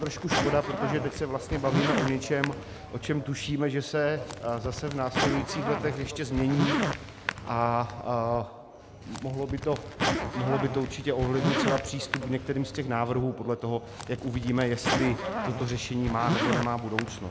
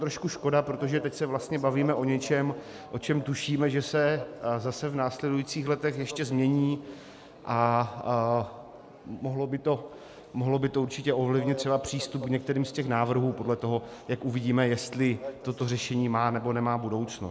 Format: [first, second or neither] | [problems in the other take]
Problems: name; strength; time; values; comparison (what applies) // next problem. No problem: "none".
second | background sound (Zipper (clothing)); 3 dB below the speech